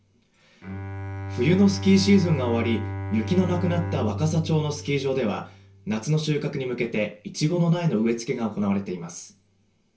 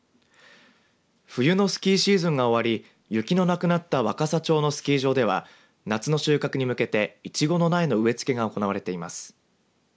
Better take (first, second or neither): second